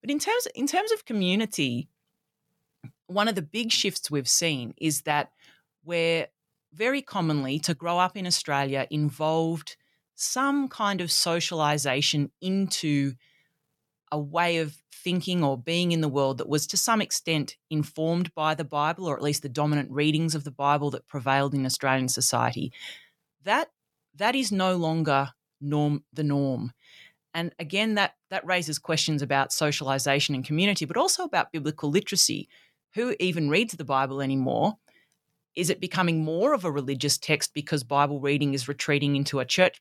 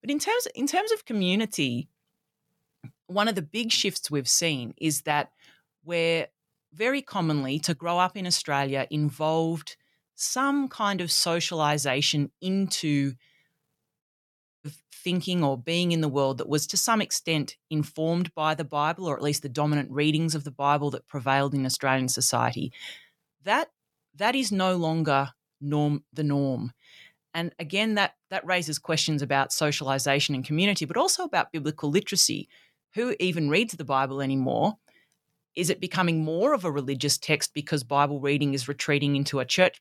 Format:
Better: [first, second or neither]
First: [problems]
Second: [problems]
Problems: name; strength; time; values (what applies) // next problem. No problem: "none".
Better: first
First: none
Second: audio cutting out; at 14 s for 0.5 s